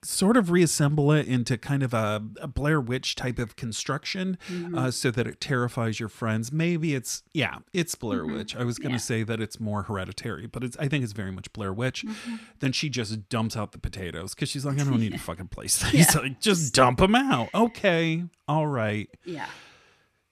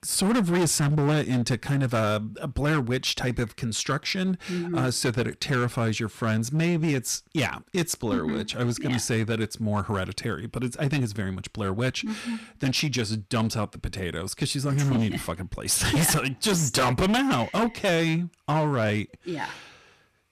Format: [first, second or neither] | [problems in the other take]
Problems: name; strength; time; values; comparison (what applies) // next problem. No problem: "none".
first | distortion; heavy; 11% of the sound clipped